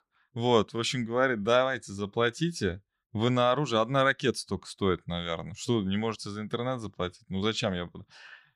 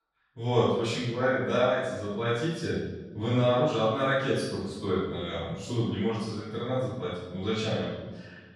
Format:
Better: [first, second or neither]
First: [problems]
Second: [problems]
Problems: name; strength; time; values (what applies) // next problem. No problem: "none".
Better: first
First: none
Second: off-mic speech; far // room echo; strong; dies away in 1.1 s